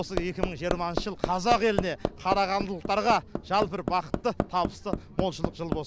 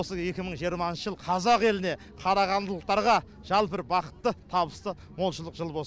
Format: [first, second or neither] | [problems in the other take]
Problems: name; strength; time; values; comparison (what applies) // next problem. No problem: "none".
second | background sound (Hammer); 4 dB below the speech